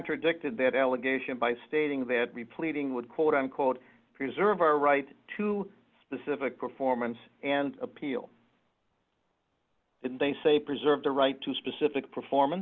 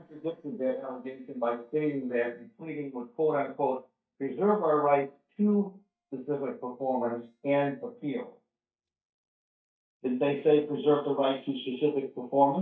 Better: first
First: none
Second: noise reduction (neural mask model DeepFilterNet 3)

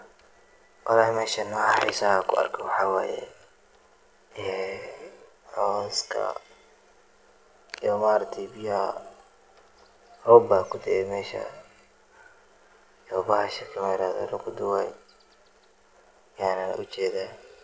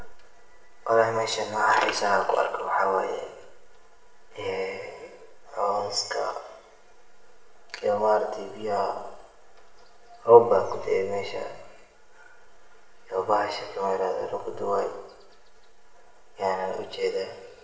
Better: first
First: none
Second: room echo; dies away in 0.8 s

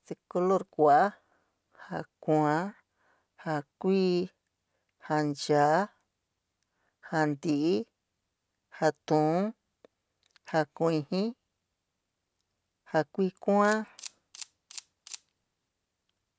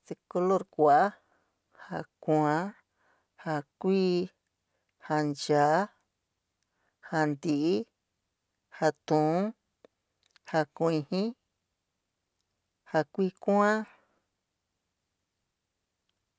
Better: second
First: background sound (Camera); 18 dB below the speech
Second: none

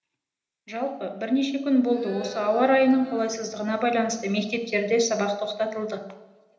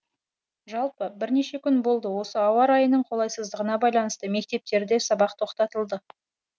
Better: second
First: background sound (Crowd); 17 dB below the speech // room echo; dies away in 1 s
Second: none

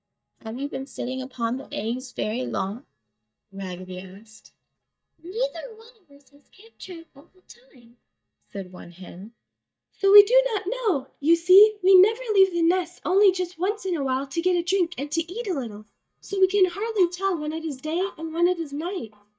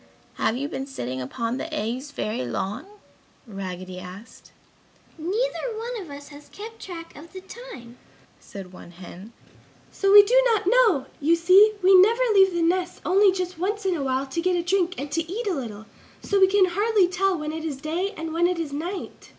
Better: second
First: noise reduction (neural mask model DeepFilterNet 3)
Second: none

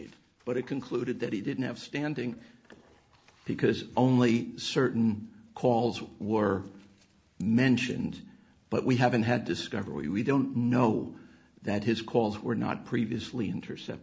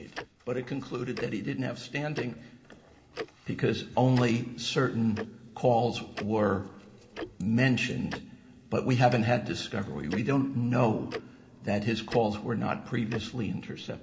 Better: first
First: none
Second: background sound (Tick-tock); 16 dB below the speech // room echo; dies away in 2.7 s

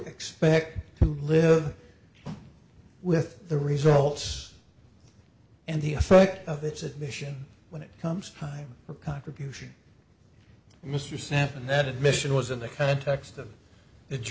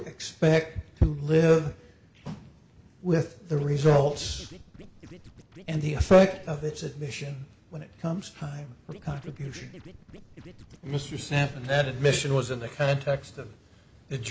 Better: first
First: none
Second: background sound (Scratching (performance technique)); 20 dB below the speech

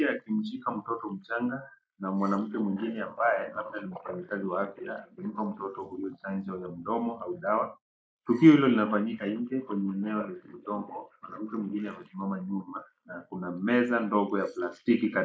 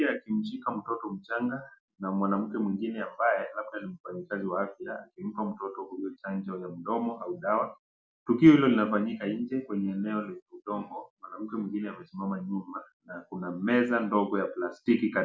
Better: second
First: noise reduction (neural mask model Resemble Enhance denoiser)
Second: none

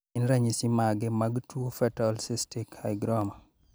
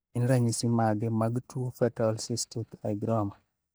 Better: first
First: none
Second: noise reduction (neural mask model DeepFilterNet 3)

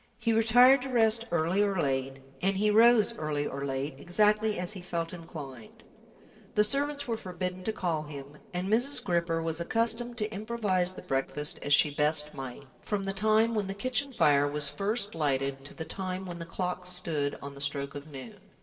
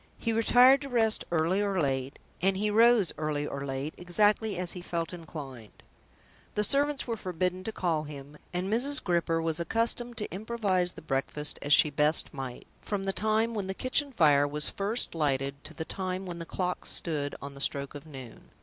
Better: second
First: noise reduction (neural separator model SepFormer DNS4)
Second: none

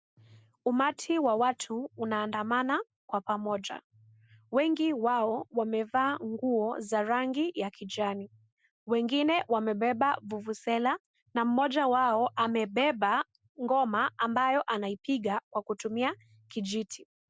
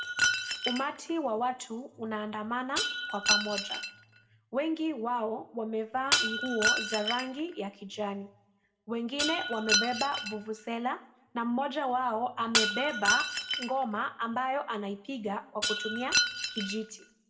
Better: first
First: none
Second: background sound (Shatter); as loud as the speech // room echo; dies away in 0.5 s

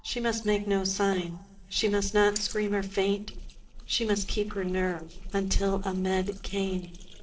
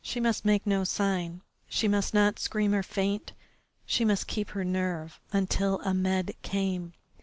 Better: second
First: noise reduction (neural separator model SepFormer DNS4)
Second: none

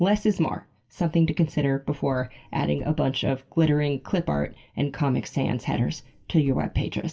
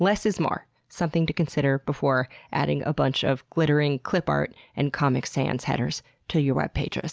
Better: second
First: background sound (Car); 20 dB below the speech // room echo; dies away in 0.2 s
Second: none

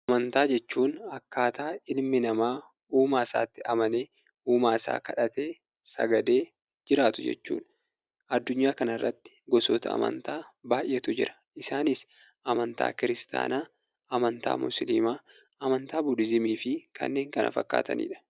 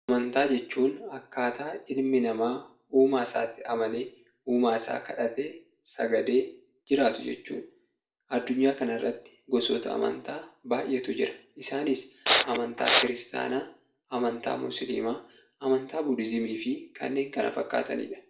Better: first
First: none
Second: background sound (Respiratory sounds); 4 dB above the speech // room echo; dies away in 0.4 s

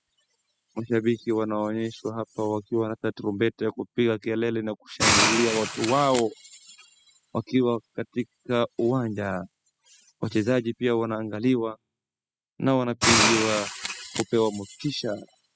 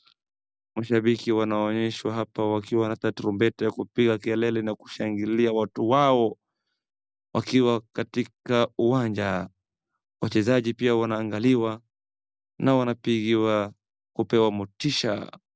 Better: second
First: noise reduction (classical method spectral subtraction)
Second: none

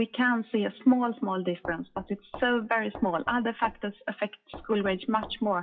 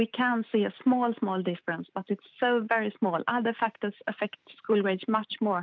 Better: second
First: noise reduction (classical method WPE with log-MMSE)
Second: none

